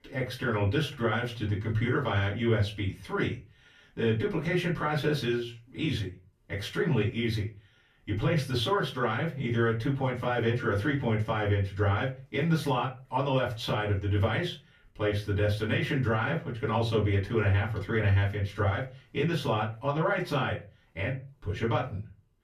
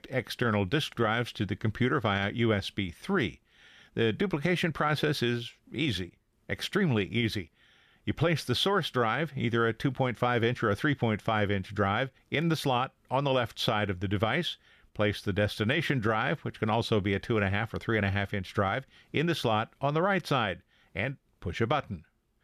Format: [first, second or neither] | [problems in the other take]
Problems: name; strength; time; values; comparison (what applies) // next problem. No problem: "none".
second | off-mic speech; far // room echo; very slight; dies away in 0.3 s